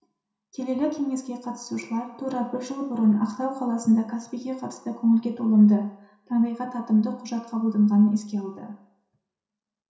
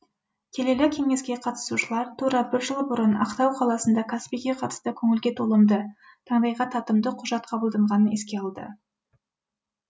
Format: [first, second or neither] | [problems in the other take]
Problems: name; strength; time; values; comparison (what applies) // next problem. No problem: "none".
second | room echo; dies away in 0.7 s